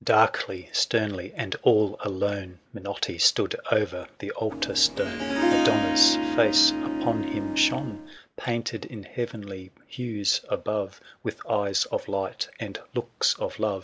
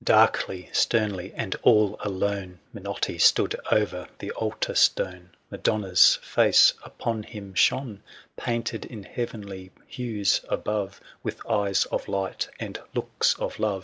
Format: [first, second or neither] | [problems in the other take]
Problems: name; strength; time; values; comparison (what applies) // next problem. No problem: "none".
second | background sound (Harp); as loud as the speech